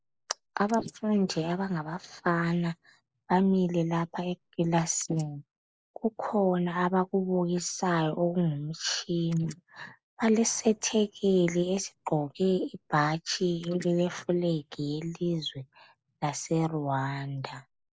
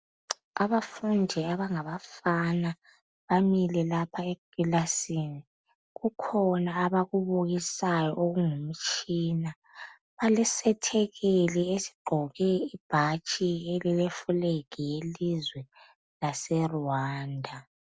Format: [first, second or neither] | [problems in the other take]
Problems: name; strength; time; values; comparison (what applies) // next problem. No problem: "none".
second | noise reduction (neural mask model Resemble Enhance denoiser)